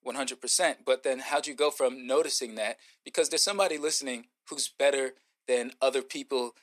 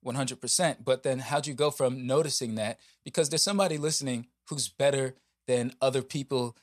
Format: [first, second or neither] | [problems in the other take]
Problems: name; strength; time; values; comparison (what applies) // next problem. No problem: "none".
second | thin; somewhat; fading below 300 Hz